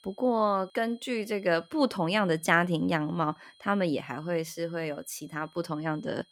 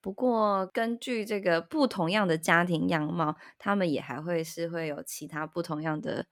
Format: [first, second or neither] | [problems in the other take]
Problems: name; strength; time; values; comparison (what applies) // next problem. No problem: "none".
second | high-pitched whine; faint; throughout; 3.5 kHz, 30 dB below the speech